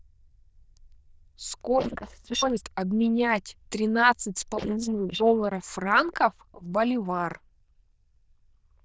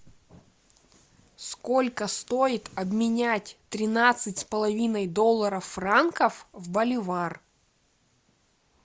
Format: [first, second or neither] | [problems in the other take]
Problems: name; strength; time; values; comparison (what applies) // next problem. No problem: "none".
second | noise reduction (neural diffusion model UNIVERSE++)